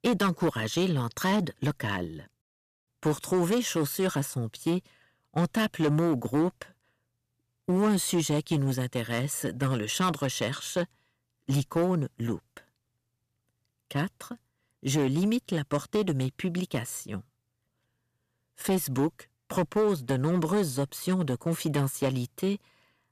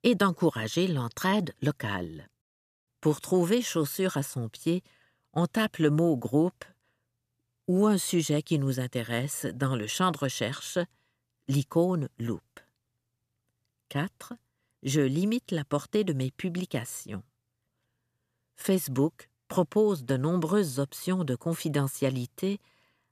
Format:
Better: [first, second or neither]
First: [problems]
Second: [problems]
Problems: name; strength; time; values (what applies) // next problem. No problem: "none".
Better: second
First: distortion; slight; 6% of the sound clipped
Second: none